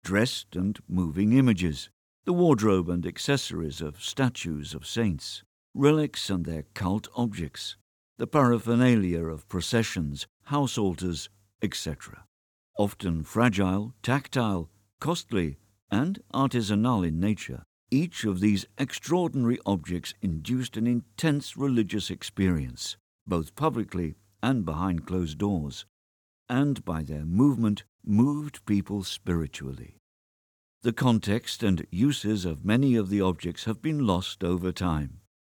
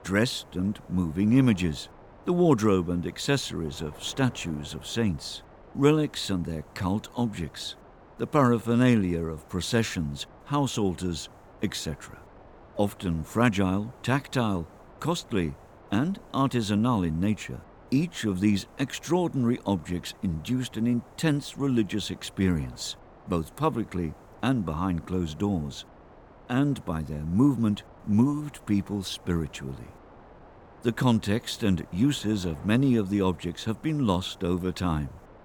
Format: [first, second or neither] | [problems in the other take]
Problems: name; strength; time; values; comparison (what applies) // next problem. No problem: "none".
first | wind noise on the microphone; occasional gusts; 20 dB below the speech